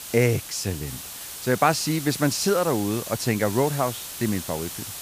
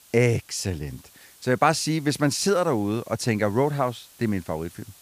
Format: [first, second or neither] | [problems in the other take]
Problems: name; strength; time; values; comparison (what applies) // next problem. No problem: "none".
second | hiss; loud; throughout; 9 dB below the speech; faint in the second